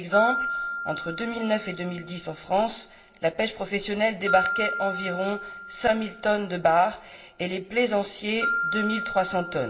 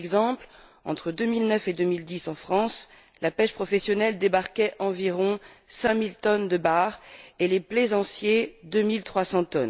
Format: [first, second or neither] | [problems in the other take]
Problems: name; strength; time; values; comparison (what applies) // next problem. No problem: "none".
second | background sound (Glockenspiel); 6 dB below the speech // room echo; dies away in 0.7 s